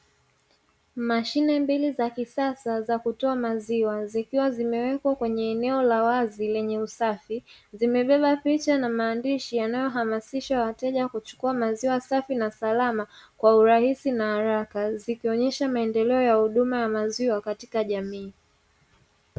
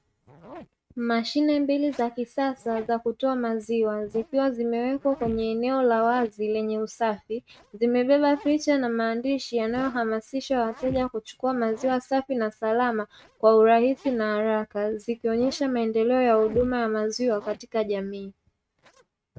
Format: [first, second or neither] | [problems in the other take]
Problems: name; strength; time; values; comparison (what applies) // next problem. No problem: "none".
first | noise reduction (neural mask model RNNoise)